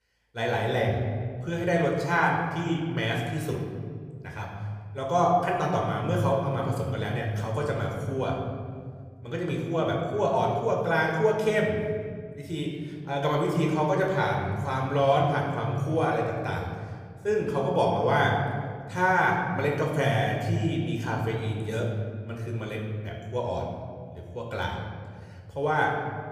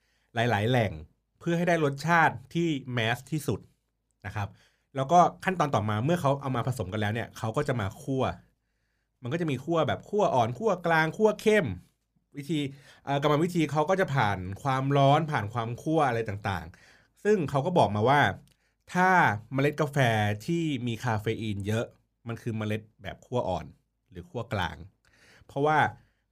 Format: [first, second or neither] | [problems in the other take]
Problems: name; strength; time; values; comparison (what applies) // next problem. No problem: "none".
second | room echo; noticeable; dies away in 2 s // off-mic speech; somewhat distant